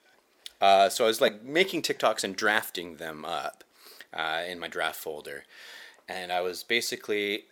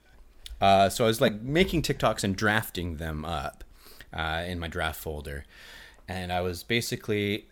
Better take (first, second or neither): second